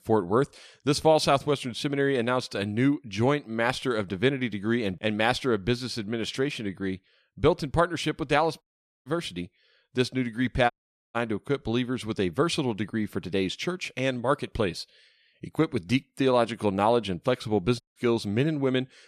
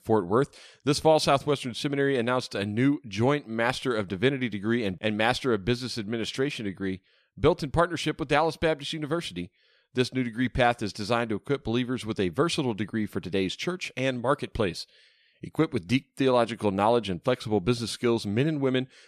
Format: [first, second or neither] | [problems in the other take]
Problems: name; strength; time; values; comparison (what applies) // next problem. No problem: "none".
second | audio cutting out; at 8.5 s, at 11 s and at 18 s